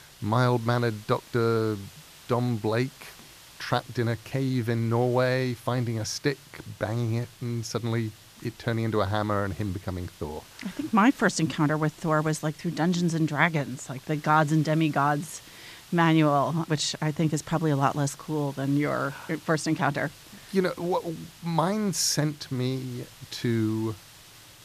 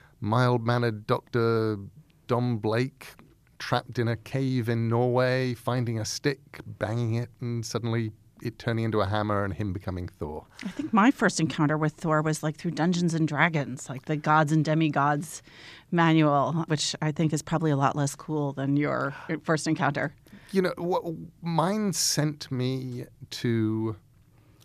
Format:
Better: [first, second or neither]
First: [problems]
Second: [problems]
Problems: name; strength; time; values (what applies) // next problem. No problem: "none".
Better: second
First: hiss; faint; throughout; 20 dB below the speech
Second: none